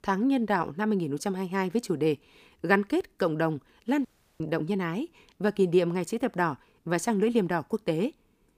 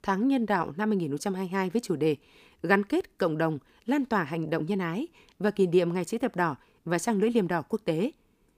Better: second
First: audio cutting out; at 4 s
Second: none

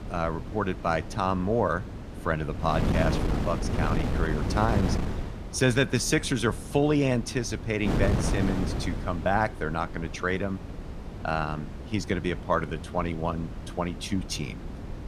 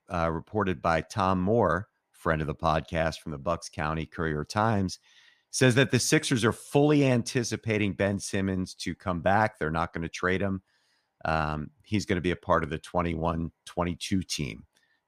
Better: second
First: wind noise on the microphone; heavy; 10 dB below the speech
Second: none

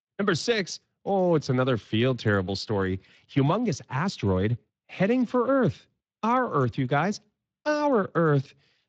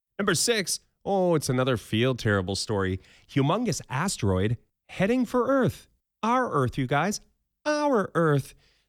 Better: second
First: garbled, watery; slightly; nothing above 7.5 kHz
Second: none

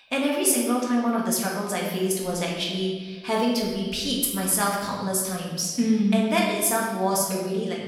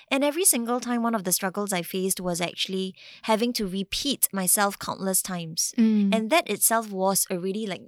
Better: second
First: room echo; noticeable; dies away in 1.4 s // off-mic speech; far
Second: none

